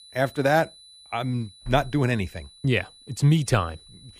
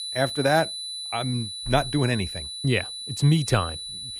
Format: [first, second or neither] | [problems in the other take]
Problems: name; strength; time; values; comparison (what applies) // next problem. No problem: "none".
first | high-pitched whine; loud; throughout; 4 kHz, 7 dB below the speech; faint in the first